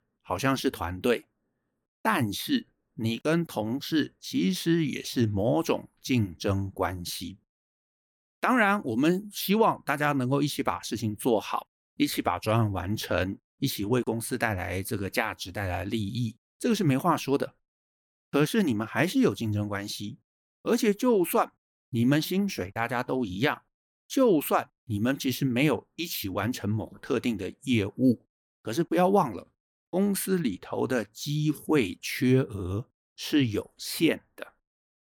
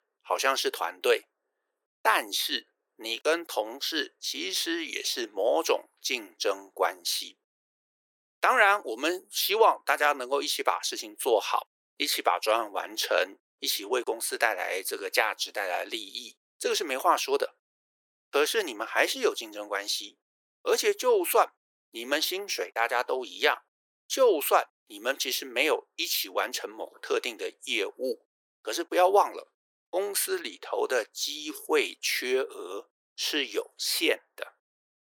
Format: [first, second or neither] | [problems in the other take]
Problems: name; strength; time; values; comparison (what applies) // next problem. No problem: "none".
first | thin; very; fading below 400 Hz